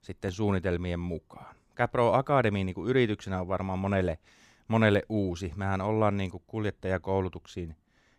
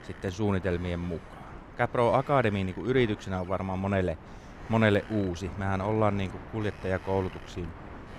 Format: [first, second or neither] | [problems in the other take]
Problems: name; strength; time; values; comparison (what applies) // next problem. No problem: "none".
first | wind noise on the microphone; occasional gusts; 15 dB below the speech